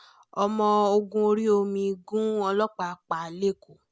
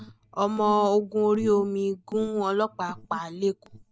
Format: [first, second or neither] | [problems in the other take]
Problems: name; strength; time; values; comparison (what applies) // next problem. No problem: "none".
first | noise reduction (neural mask model DeepFilterNet 3)